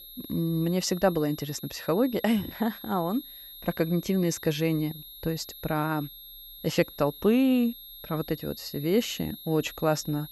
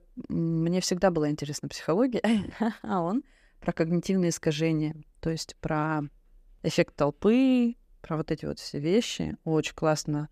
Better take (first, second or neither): second